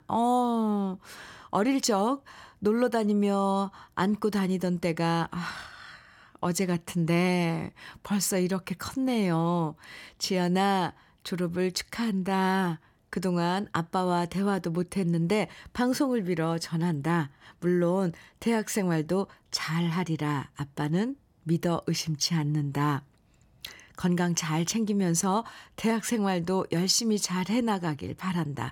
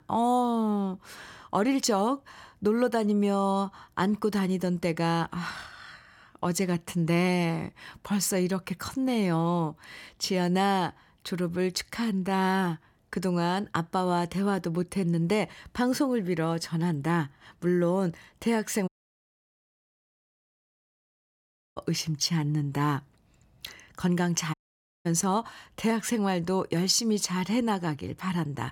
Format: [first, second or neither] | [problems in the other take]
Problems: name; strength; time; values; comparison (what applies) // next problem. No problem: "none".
first | audio cutting out; at 19 s for 3 s and at 25 s for 0.5 s